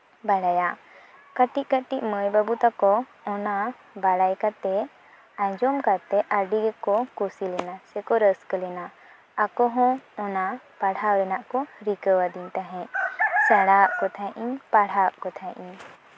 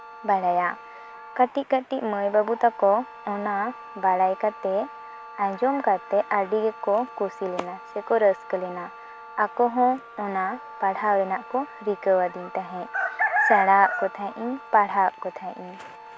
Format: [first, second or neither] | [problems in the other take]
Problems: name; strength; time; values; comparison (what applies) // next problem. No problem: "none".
first | background sound (Wind instrument, woodwind instrument + Wind instrument, woodwind instrument); 18 dB below the speech